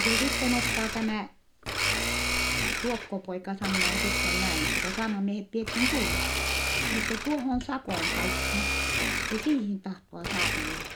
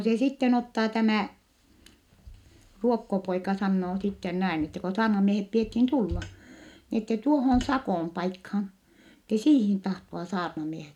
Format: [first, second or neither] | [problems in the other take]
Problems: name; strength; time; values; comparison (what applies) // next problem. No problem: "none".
second | background sound (Domestic sounds, home sounds); 3 dB above the speech